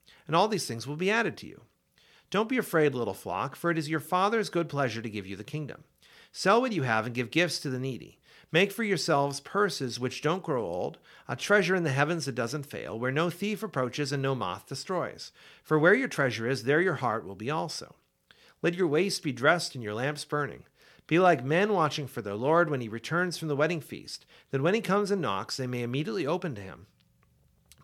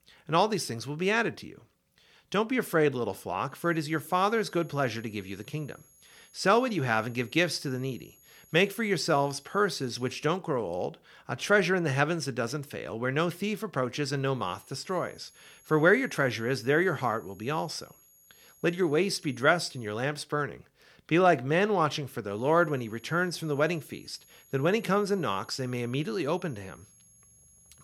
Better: first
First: none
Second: high-pitched whine; faint; from 3.5 to 10 s, from 14 to 20 s and from 22 s on; 11.5 kHz, 30 dB below the speech

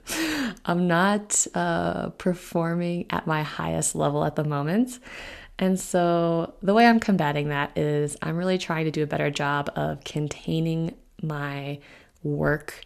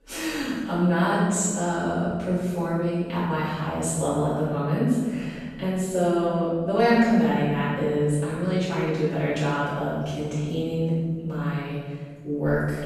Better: first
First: none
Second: room echo; strong; dies away in 1.7 s // off-mic speech; far

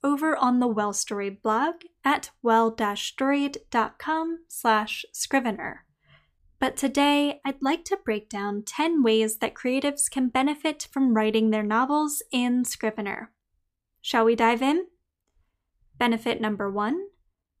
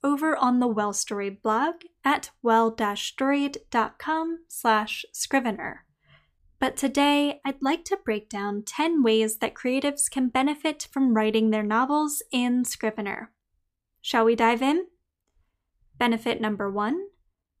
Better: neither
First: none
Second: none

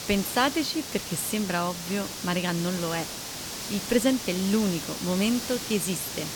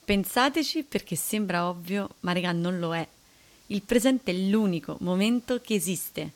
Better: second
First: hiss; loud; throughout; 6 dB below the speech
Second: hiss; faint; throughout; 30 dB below the speech

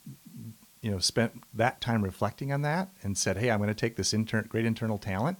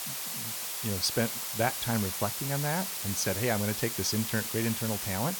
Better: first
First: hiss; faint; throughout; 25 dB below the speech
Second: hiss; loud; throughout; 1 dB below the speech

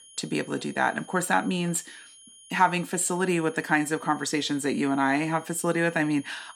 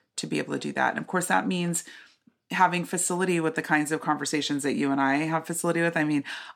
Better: second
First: high-pitched whine; faint; throughout; 3 kHz, 20 dB below the speech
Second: none

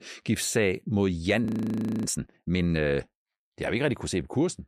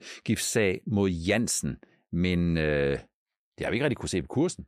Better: second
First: audio freezing; at 1.5 s for 0.5 s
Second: none

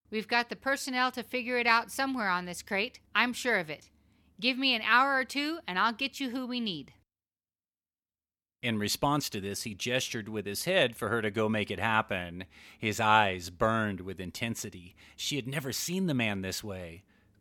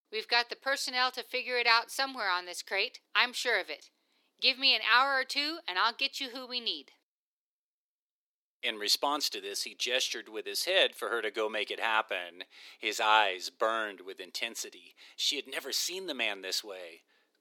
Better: first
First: none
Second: thin; somewhat; fading below 350 Hz

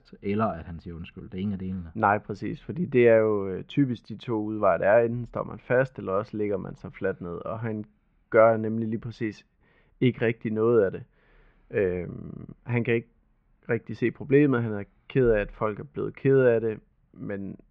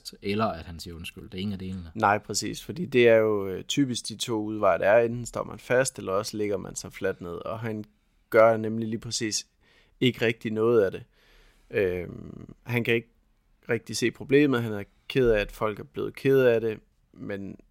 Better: second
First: muffled; very; fading above 2 kHz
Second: none

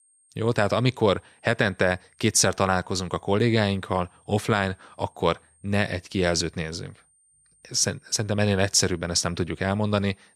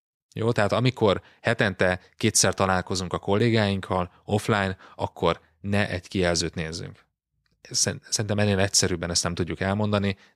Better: second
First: high-pitched whine; faint; throughout; 8.5 kHz, 35 dB below the speech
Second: none

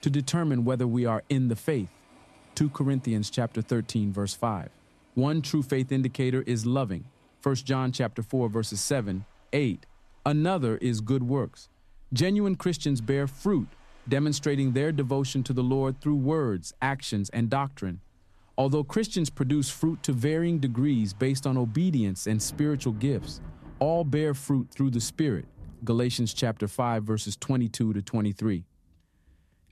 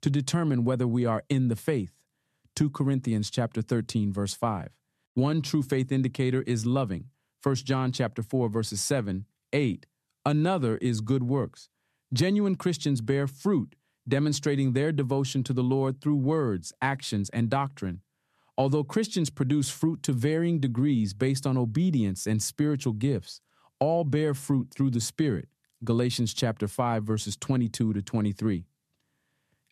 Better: second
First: rain or running water; faint; throughout; 25 dB below the speech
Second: none

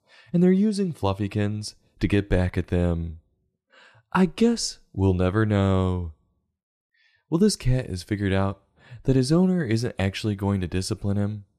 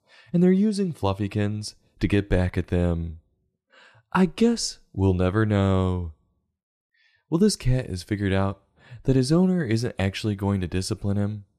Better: neither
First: none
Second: none

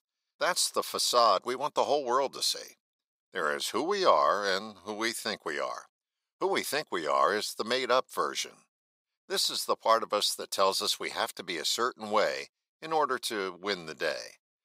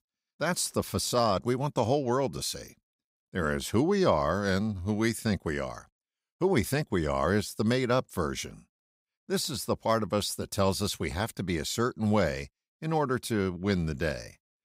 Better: second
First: thin; very; fading below 550 Hz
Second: none

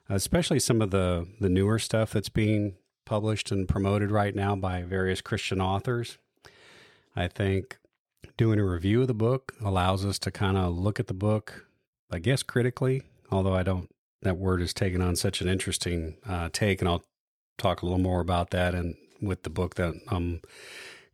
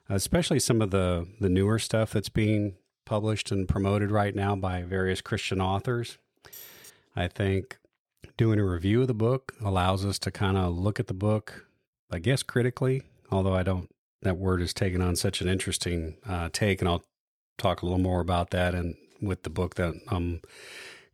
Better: first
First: none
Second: clattering dishes; faint; at 6.5 s; peak 15 dB below the speech

